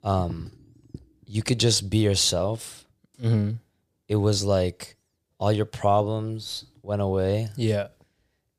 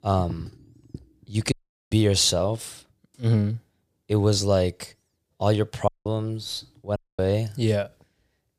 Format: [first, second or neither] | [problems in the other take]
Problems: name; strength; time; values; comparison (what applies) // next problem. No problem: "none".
first | audio cutting out; at 1.5 s, at 6 s and at 7 s